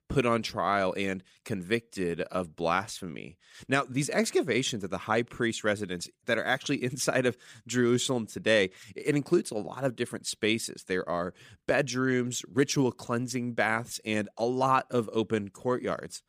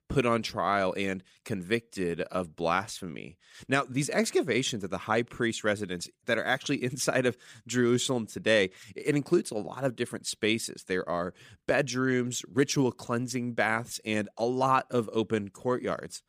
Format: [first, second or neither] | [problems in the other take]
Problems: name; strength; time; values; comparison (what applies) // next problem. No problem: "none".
neither | none